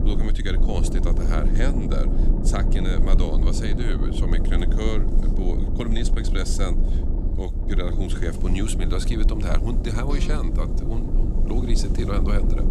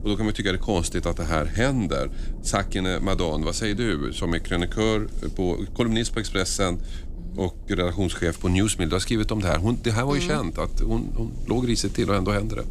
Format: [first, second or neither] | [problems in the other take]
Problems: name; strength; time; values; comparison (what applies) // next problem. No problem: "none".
second | low rumble; loud; throughout; 4 dB below the speech; faint in the second